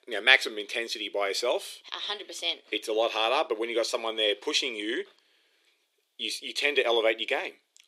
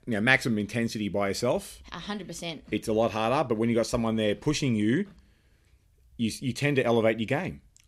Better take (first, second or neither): second